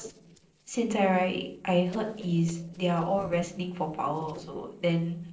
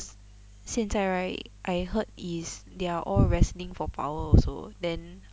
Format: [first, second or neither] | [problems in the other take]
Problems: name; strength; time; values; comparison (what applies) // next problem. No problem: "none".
second | noise reduction (neural separator model SepFormer DNS4)